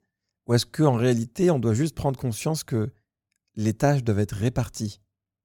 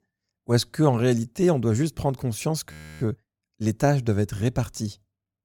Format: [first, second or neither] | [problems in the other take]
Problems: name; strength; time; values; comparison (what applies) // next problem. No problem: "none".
first | audio freezing; at 2.5 s